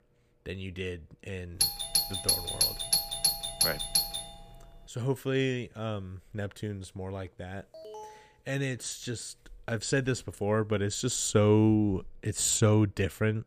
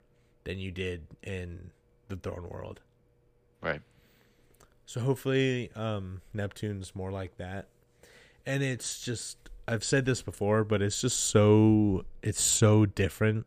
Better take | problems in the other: second | doorbell; loud; from 1.5 to 4 s; peak 5 dB above the speech // alarm; faint; at 7.5 s; peak 15 dB below the speech

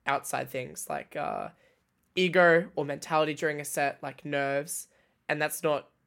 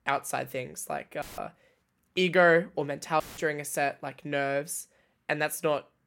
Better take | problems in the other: first | audio cutting out; filled with static; at 1 s and at 3 s

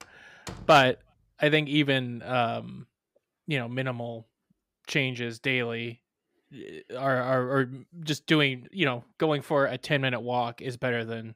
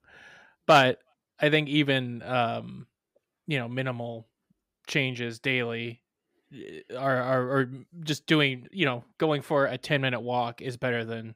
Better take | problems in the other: second | door banging; faint; at the start; peak 15 dB below the speech

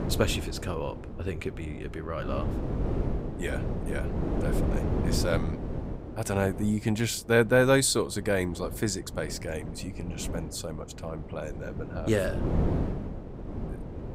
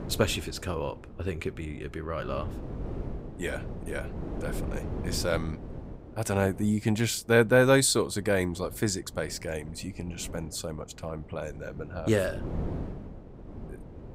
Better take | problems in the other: second | wind noise on the microphone; heavy; 10 dB below the speech; occasional gusts in the second

